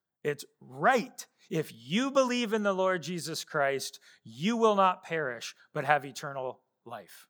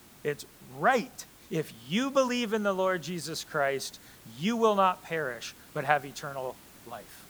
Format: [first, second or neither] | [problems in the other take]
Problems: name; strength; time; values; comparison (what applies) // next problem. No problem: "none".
first | hiss; faint; throughout; 20 dB below the speech